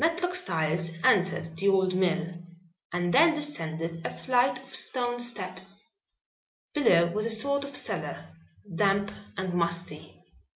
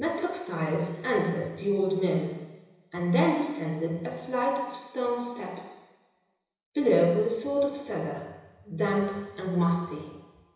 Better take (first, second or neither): first